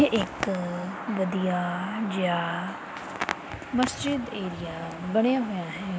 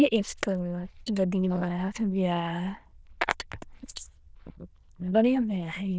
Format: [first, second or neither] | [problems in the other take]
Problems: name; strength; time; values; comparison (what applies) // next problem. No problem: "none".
first | noise reduction (neural diffusion model UNIVERSE++)